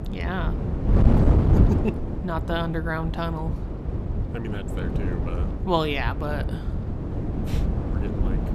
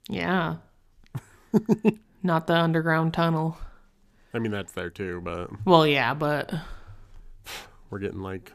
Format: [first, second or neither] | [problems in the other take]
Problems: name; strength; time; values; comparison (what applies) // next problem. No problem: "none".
second | wind noise on the microphone; heavy; 4 dB below the speech